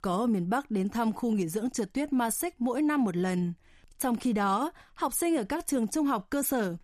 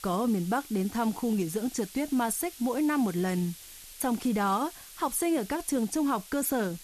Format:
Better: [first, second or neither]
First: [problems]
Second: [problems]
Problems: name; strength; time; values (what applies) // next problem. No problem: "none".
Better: first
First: none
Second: hiss; noticeable; throughout; 15 dB below the speech